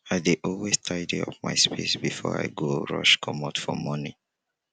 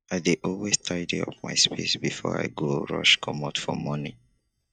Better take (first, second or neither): first